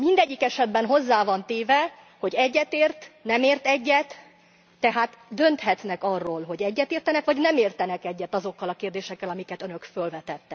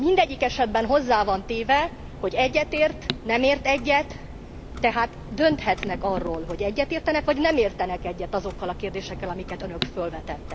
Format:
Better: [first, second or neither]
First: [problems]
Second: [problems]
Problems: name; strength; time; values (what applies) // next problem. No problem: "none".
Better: first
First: none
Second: background sound (Clock); 11 dB below the speech